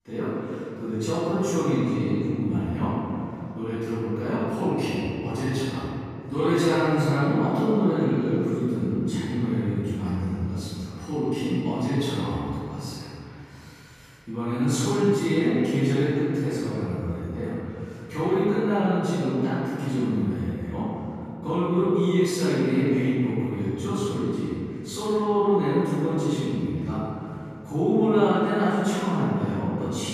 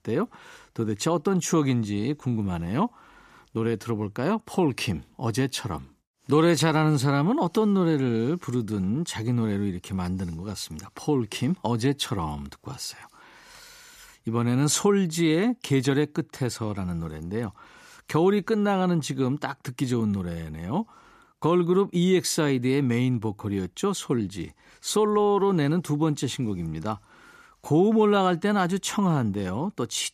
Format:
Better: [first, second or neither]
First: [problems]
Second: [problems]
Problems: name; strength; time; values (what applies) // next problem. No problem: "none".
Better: second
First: off-mic speech; far // room echo; strong; dies away in 2.8 s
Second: none